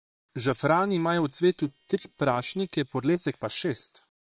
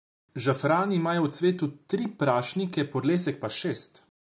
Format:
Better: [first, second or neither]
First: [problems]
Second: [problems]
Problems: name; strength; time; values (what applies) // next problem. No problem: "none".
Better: second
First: noise reduction (neural separator model SepFormer WHAM!)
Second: none